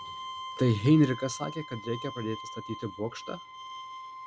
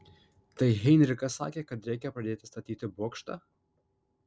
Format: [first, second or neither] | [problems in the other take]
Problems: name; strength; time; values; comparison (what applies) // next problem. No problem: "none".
second | background sound (Bowed string instrument); 12 dB below the speech